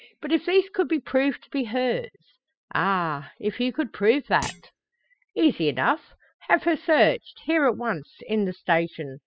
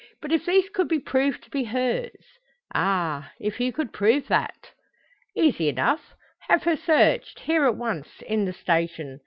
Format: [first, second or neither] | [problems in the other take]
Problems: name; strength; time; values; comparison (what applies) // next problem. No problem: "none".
second | noise reduction (classical method spectral subtraction)